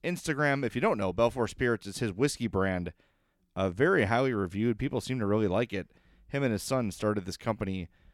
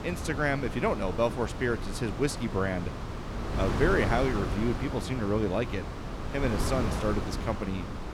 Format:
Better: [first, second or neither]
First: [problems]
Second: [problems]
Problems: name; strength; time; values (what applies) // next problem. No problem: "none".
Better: first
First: none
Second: wind noise on the microphone; heavy; 6 dB below the speech